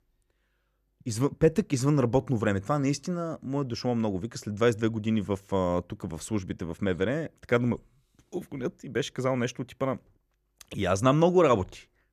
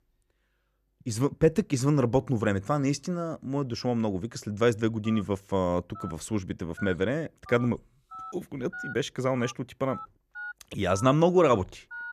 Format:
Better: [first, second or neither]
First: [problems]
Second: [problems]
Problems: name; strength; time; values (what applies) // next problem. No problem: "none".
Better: first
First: none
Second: phone ringing; faint; from 5 s on; peak 10 dB below the speech